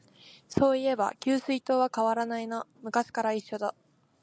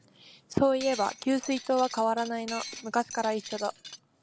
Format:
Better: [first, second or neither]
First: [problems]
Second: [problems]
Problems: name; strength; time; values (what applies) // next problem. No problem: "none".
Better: first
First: none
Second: background sound (Shatter); 14 dB below the speech